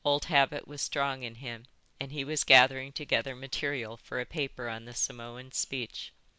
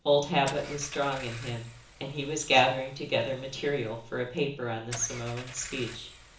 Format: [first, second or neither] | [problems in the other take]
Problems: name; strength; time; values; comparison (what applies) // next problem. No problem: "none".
first | background sound (Engine / Car); 17 dB below the speech // room echo; dies away in 0.7 s